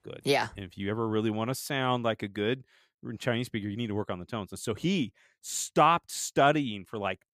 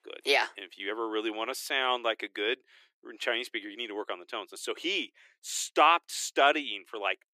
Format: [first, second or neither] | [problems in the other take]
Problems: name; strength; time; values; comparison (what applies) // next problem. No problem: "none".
first | thin; very; fading below 350 Hz